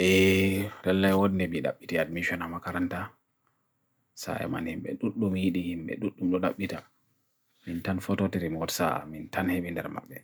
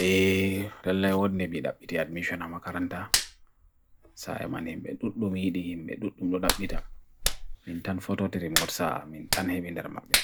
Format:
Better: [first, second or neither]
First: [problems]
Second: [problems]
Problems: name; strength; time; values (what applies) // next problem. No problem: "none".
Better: first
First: none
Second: background sound (Hands); 5 dB below the speech